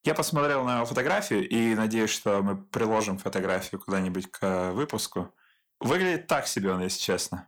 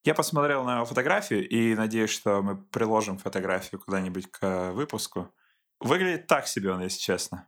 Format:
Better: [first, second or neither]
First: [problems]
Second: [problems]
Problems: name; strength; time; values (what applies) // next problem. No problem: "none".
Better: second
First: distortion; slight; 10 dB below the speech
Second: none